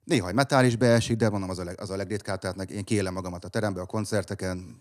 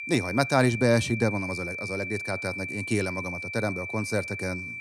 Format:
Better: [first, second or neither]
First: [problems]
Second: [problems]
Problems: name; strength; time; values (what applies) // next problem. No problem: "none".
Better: first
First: none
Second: high-pitched whine; loud; throughout; 2.5 kHz, 5 dB below the speech